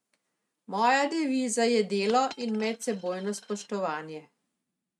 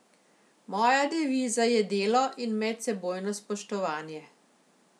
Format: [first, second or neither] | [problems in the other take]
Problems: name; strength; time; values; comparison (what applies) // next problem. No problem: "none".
second | noise reduction (neural mask model RNNoise)